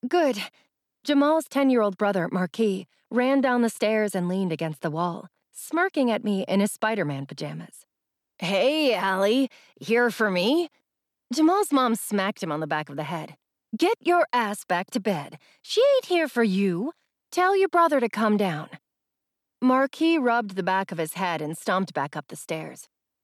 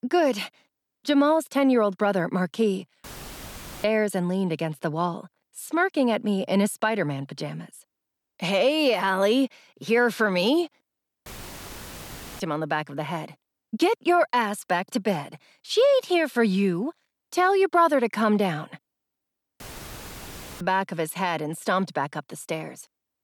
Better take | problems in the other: first | audio cutting out; filled with static; at 3 s for 1 s, at 11 s for 1 s and at 20 s for 1 s

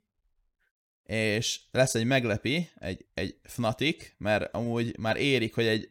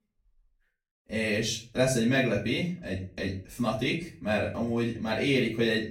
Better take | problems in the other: first | off-mic speech; far // room echo; slight; dies away in 0.3 s

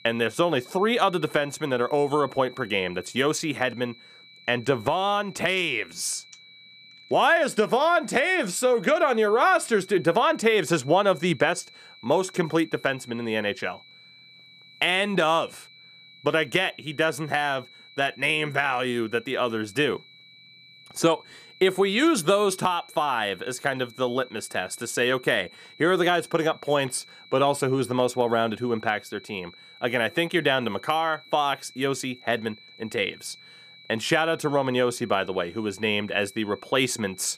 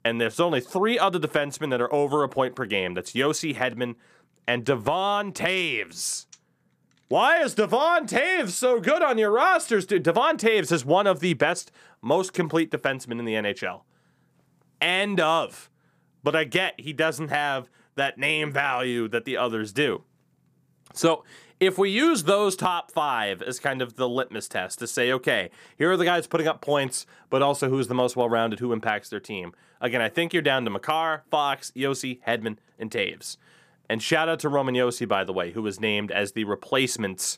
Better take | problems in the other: second | high-pitched whine; faint; throughout; 4 kHz, 25 dB below the speech

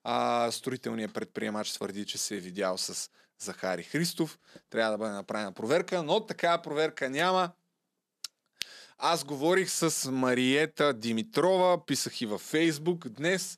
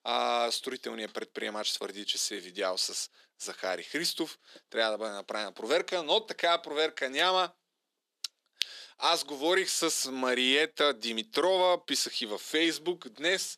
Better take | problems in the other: first | thin; very slightly; fading below 300 Hz

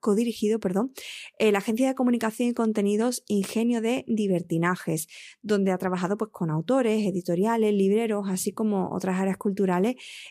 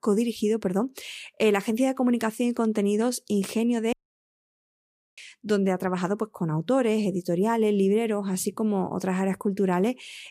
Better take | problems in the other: first | audio cutting out; at 4 s for 1 s

